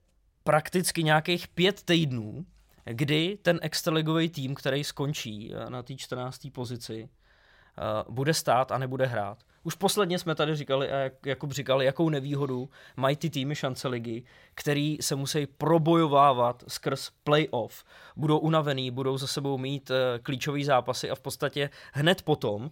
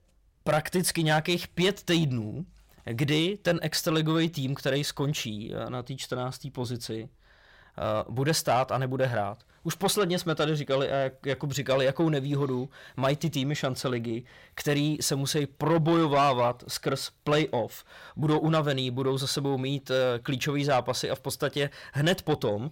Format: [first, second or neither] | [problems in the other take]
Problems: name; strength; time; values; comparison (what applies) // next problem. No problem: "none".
first | distortion; slight; 10 dB below the speech